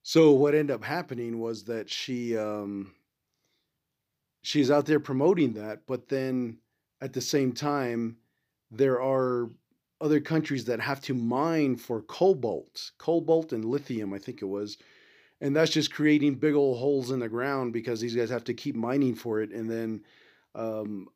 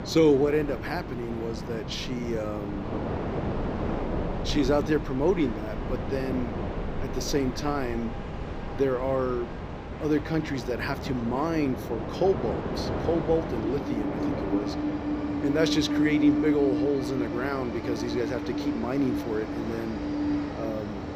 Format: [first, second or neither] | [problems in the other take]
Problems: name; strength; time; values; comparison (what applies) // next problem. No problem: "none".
first | train or aircraft noise; loud; throughout; 3 dB below the speech